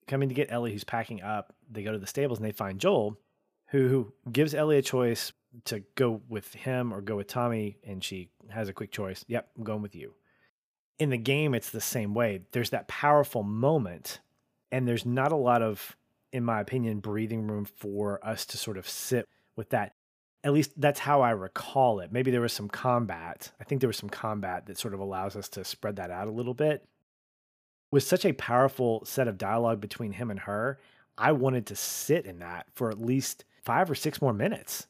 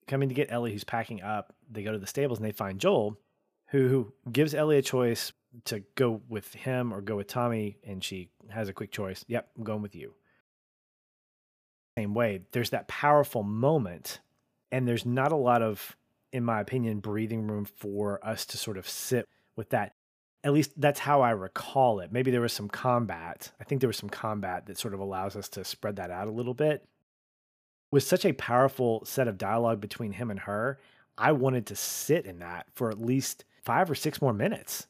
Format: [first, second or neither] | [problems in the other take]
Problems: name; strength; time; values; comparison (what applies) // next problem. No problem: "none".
first | audio cutting out; at 10 s for 1.5 s